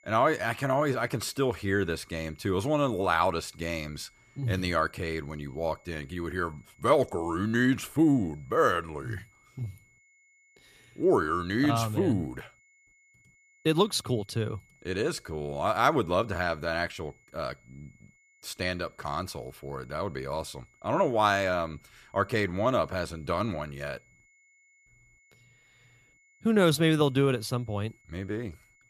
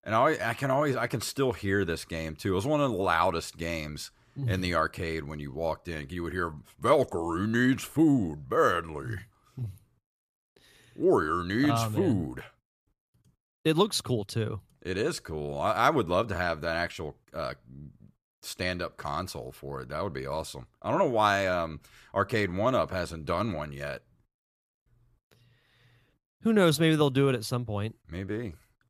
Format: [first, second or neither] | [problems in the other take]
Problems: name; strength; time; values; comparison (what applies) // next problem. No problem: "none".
second | high-pitched whine; faint; throughout; 2 kHz, 35 dB below the speech